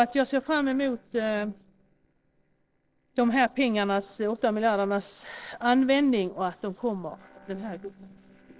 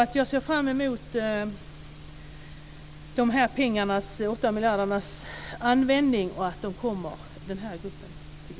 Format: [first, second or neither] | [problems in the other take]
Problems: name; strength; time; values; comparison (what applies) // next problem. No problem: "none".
second | noise reduction (neural separator model SepFormer DNS4)